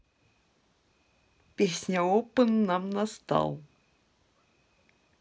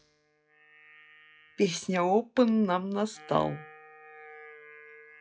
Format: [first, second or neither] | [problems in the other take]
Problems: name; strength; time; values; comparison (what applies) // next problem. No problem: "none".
first | noise reduction (classical method log-MMSE)